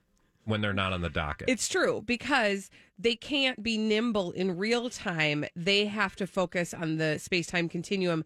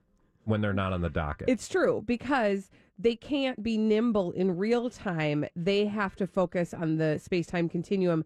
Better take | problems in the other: first | muffled; slightly; fading above 1 kHz

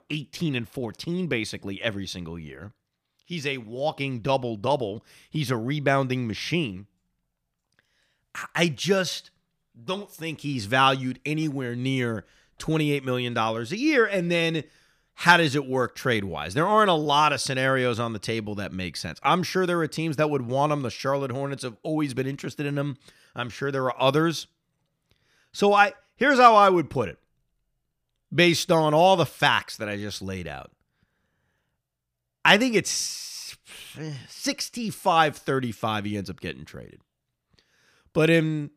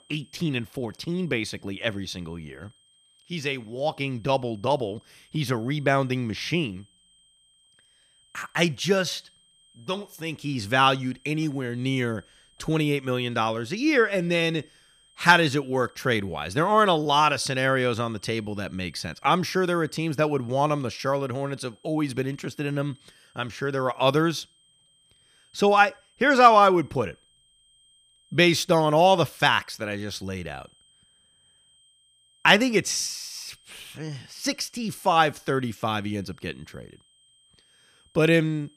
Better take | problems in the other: first | high-pitched whine; faint; throughout; 3 kHz, 35 dB below the speech

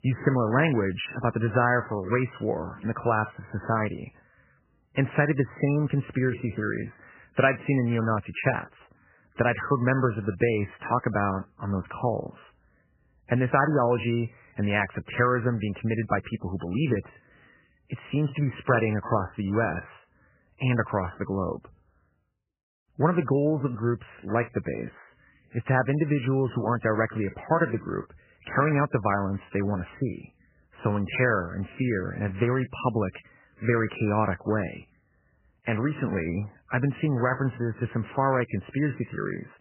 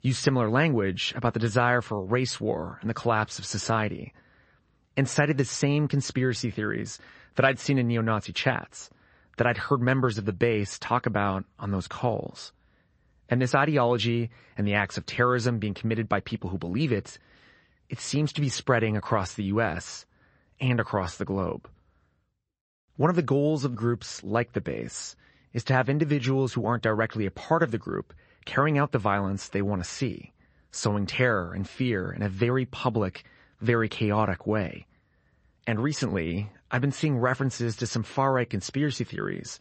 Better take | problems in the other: second | garbled, watery; badly; nothing above 3 kHz; slightly in the second

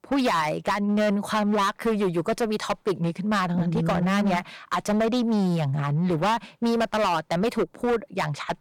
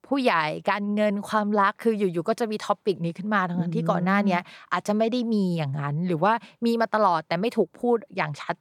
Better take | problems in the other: second | distortion; heavy; 17% of the sound clipped

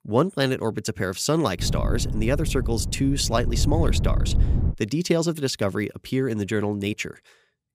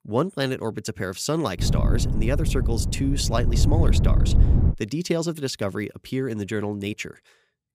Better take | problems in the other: first | wind noise on the microphone; heavy; from 1.5 to 4.5 s; 7 dB below the speech; occasional gusts in the first

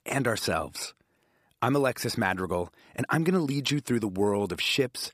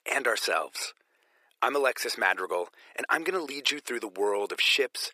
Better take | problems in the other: first | thin; very; fading below 400 Hz

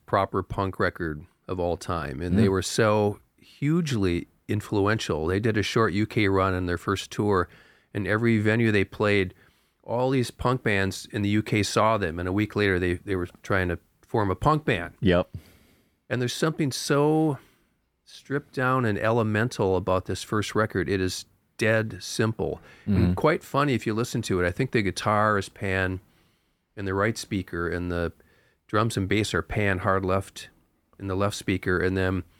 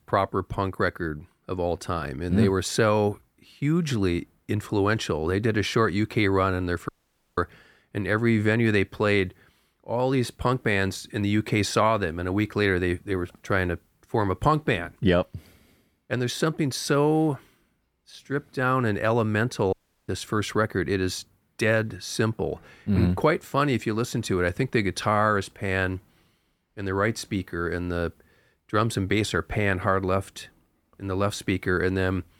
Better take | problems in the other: first | audio cutting out; at 7 s and at 20 s

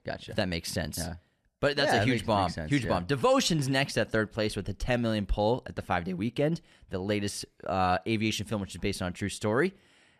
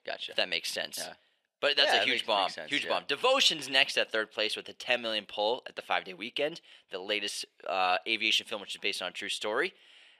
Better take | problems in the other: first | thin; very; fading below 500 Hz

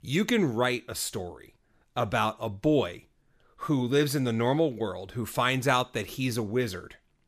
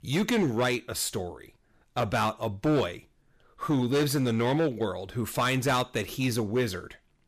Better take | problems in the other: first | distortion; slight; 7% of the sound clipped

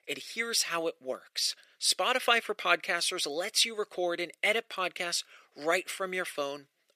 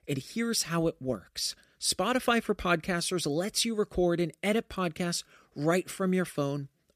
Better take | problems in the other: second | thin; very; fading below 600 Hz

